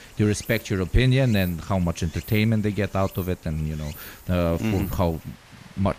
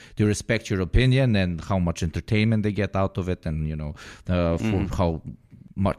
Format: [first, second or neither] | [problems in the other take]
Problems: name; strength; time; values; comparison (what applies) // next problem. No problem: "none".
second | rain or running water; noticeable; throughout; 20 dB below the speech